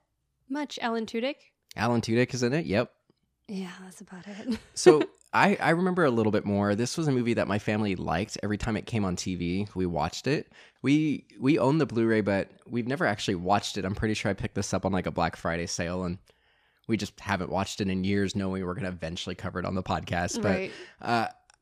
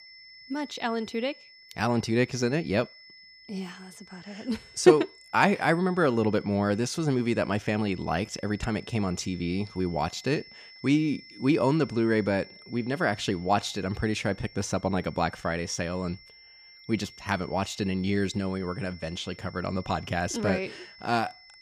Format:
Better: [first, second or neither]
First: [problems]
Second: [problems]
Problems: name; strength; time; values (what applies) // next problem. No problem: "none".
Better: first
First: none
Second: high-pitched whine; faint; throughout; 2 kHz, 20 dB below the speech